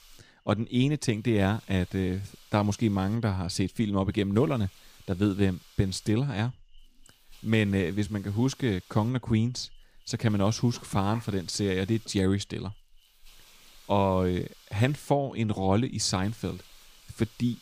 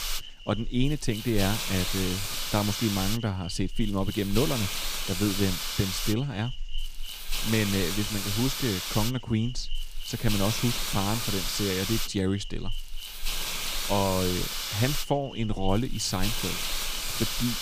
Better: first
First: hiss; faint; throughout; 25 dB below the speech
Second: hiss; loud; throughout; 2 dB below the speech

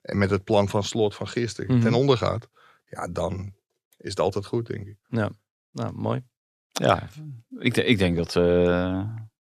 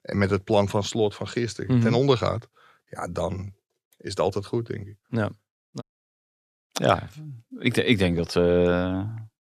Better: first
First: none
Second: audio cutting out; at 6 s for 0.5 s

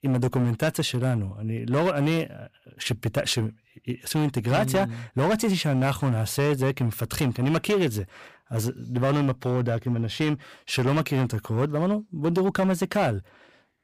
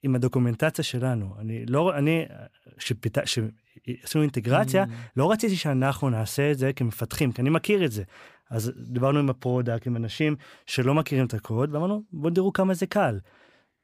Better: second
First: distortion; slight; 10% of the sound clipped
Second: none

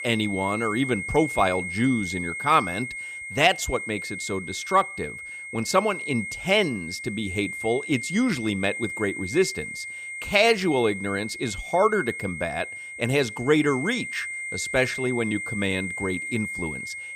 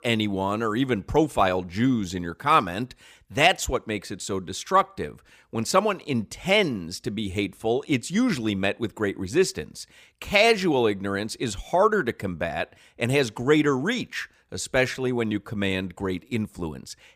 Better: second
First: high-pitched whine; loud; throughout; 2 kHz, 7 dB below the speech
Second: none

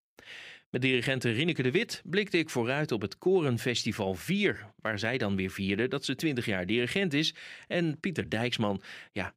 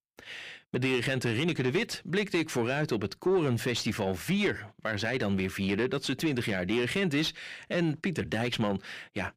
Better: first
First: none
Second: distortion; slight; 10 dB below the speech

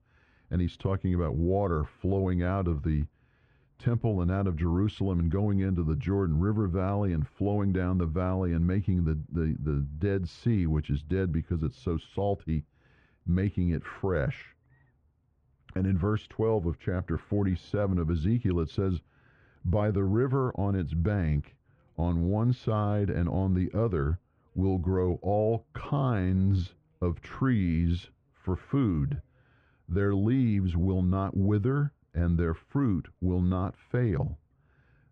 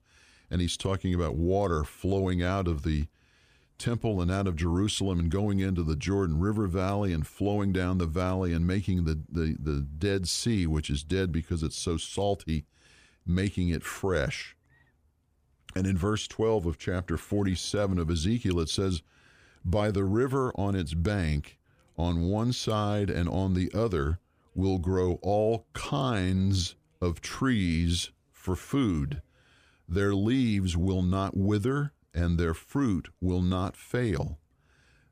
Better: second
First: muffled; very; fading above 1.5 kHz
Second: none

